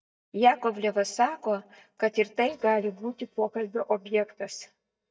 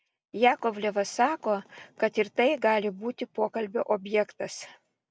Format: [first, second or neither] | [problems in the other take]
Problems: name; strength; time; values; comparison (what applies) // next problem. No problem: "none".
second | noise reduction (neural mask model DeepFilterNet 3)